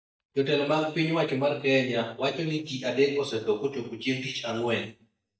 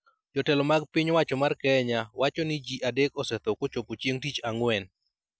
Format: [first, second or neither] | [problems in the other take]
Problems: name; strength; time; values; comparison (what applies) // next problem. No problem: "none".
second | noise reduction (neural mask model DeepFilterNet 3)